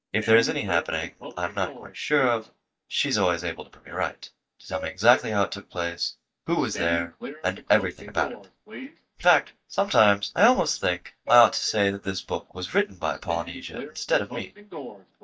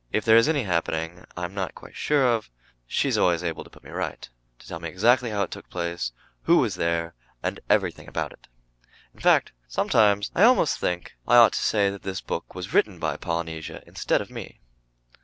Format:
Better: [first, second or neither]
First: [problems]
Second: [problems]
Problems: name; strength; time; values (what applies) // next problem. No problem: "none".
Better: second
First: noise reduction (neural mask model DeepFilterNet 3)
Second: none